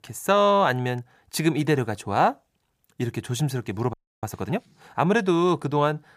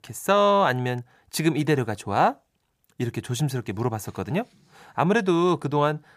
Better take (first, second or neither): second